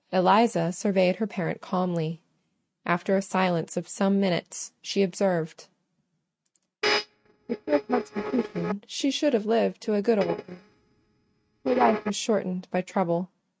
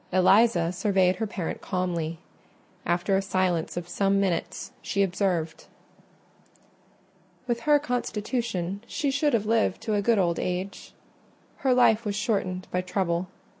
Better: second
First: noise reduction (neural mask model RNNoise)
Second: none

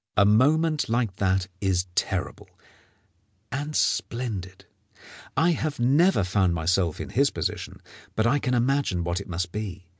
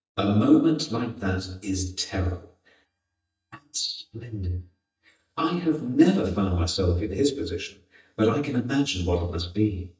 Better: first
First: none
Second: noise reduction (neural mask model DeepFilterNet 3)

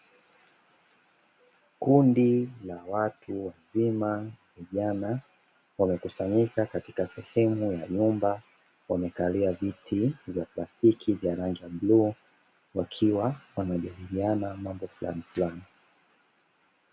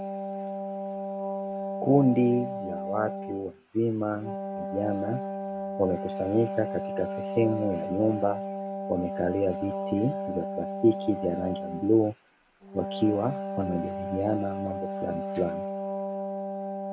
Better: first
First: none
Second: background sound (Wind instrument, woodwind instrument); 5 dB below the speech

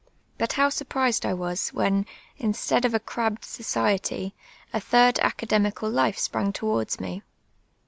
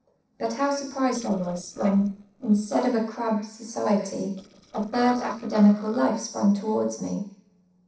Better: first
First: none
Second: noise reduction (neural separator model SepFormer DNS4)

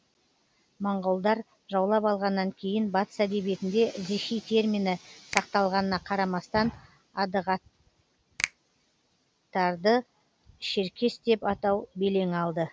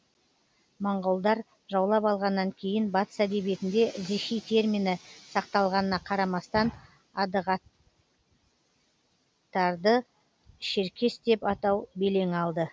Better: second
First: background sound (Finger snapping); 12 dB below the speech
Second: none

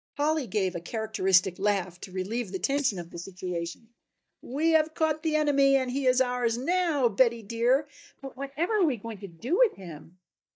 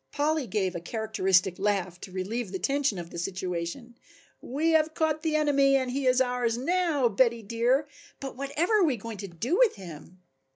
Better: second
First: noise reduction (neural mask model DeepFilterNet 3)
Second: none

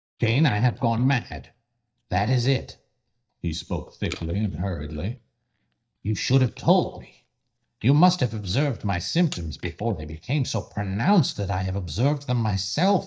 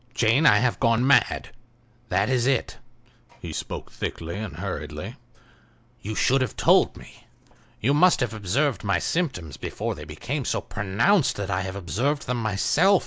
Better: second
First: noise reduction (neural mask model DeepFilterNet 3)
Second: none

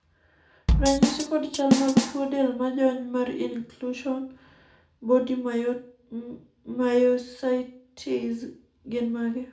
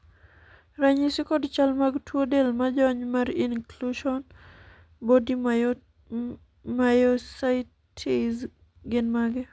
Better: second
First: background sound (Drum / Drum kit); 2 dB above the speech // room echo; dies away in 0.4 s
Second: none

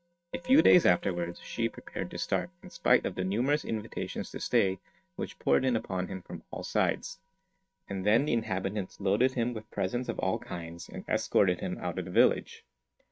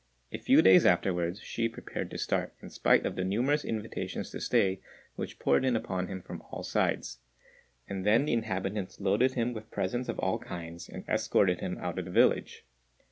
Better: second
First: noise reduction (neural mask model RNNoise)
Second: none

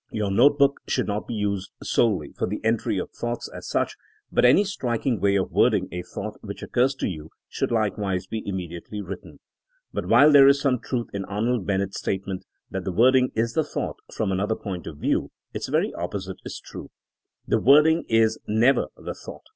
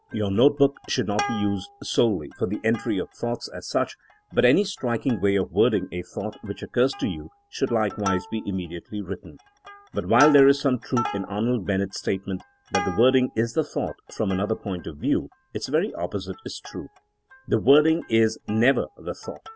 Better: first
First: none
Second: background sound (Plucked string instrument); 14 dB below the speech

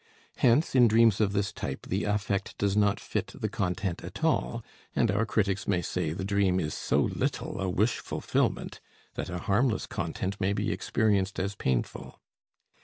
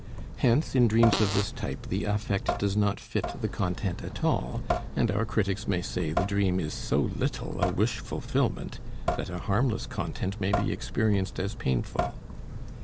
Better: first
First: none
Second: background sound (Drip / Sink (filling or washing) / Water tap, faucet + Fart); 6 dB below the speech

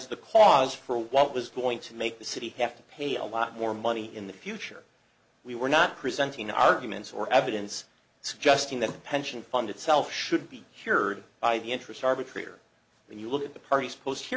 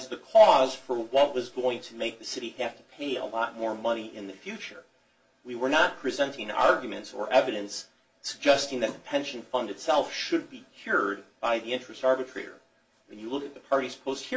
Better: first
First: none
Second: room echo; dies away in 0.2 s

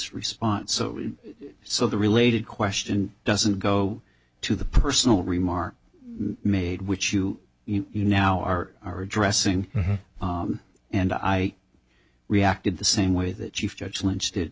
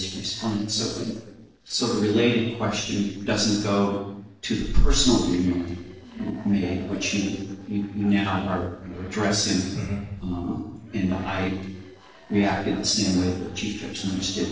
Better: first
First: none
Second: noise reduction (neural separator model SepFormer DNS4)

